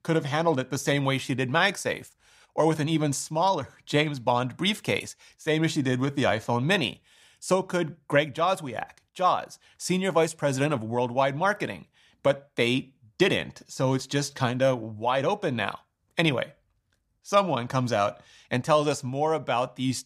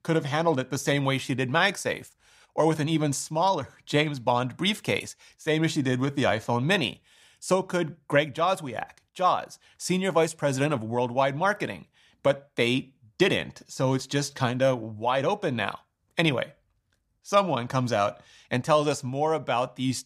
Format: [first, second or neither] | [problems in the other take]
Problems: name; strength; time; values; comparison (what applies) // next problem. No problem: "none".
neither | none